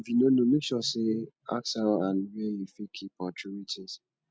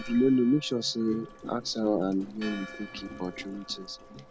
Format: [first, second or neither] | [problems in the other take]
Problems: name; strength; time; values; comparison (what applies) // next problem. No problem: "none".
first | background sound (Church bell + Gurgling); 15 dB below the speech